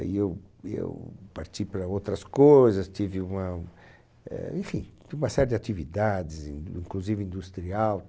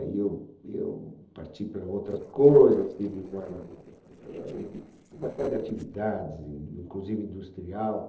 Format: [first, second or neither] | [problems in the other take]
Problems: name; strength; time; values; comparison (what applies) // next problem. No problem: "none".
first | noise reduction (neural separator model SepFormer DNS4)